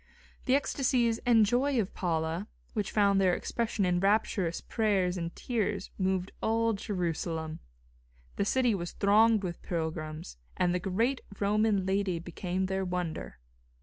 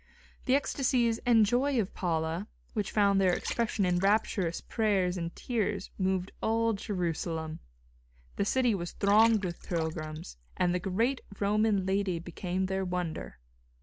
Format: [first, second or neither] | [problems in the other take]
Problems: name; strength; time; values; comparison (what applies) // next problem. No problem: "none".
first | background sound (Water); 19 dB below the speech